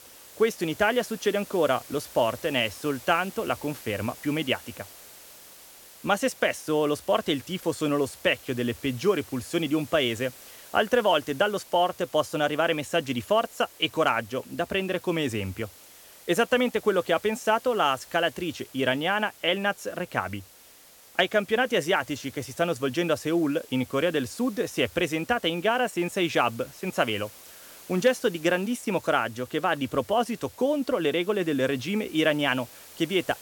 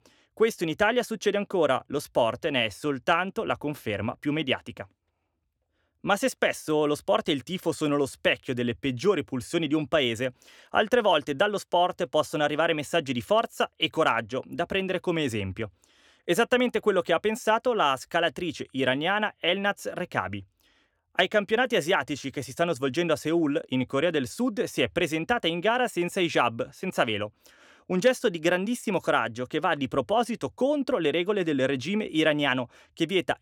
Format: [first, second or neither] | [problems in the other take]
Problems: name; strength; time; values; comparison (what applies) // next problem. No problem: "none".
second | hiss; noticeable; throughout; 20 dB below the speech